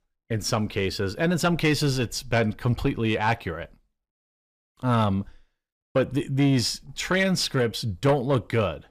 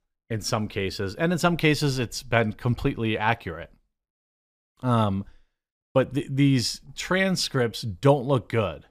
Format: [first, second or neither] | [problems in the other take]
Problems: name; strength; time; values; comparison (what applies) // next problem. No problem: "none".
second | distortion; slight; 10 dB below the speech